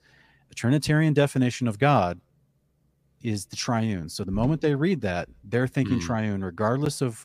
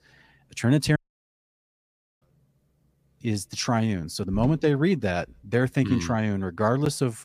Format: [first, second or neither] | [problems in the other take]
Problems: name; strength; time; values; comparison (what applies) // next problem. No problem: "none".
first | audio cutting out; at 1 s for 1.5 s